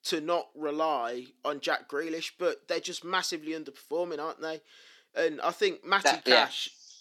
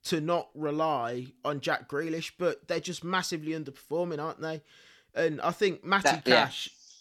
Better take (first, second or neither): second